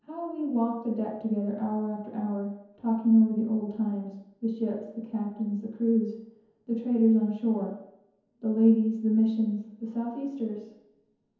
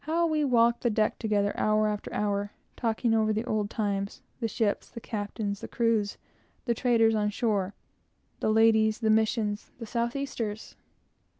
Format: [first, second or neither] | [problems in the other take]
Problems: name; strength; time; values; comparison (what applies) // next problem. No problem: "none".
second | room echo; dies away in 0.9 s